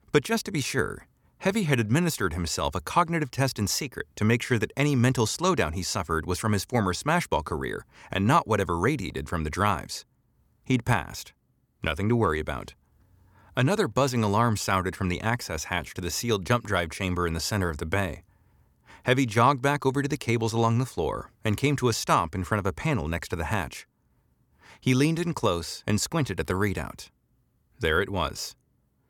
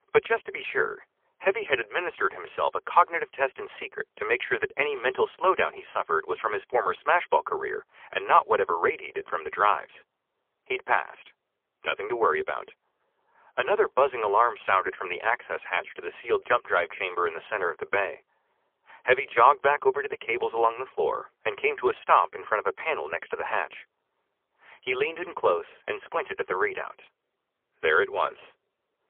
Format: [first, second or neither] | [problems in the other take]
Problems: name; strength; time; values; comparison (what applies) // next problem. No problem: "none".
first | phone-call audio; poor line; nothing above 3.5 kHz